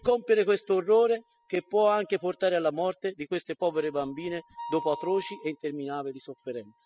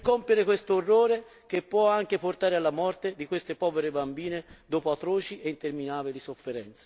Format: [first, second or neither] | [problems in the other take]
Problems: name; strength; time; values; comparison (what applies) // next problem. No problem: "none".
second | noise reduction (classical method spectral subtraction)